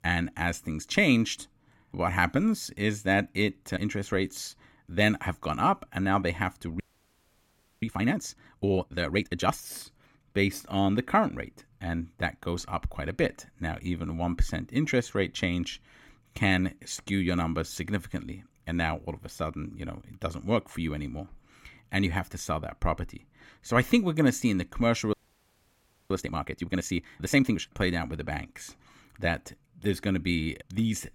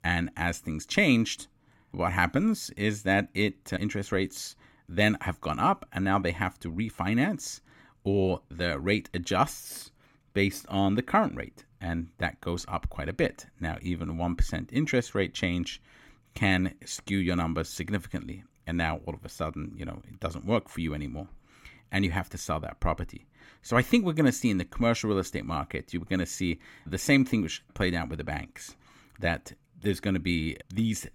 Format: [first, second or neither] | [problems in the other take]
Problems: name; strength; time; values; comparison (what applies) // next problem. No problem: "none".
second | audio freezing; at 7 s for 1 s and at 25 s for 1 s